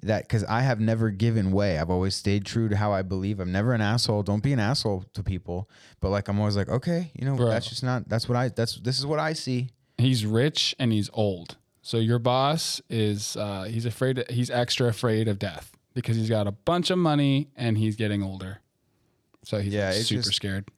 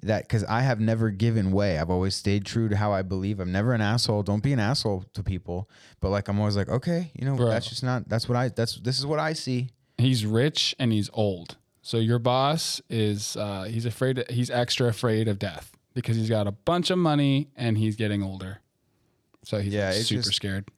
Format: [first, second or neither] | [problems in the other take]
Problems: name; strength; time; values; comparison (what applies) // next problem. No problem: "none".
neither | none